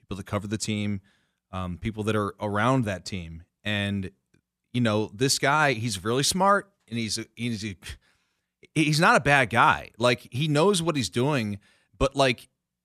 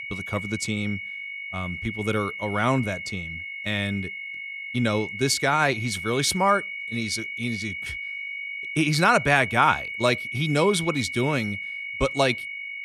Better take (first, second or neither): first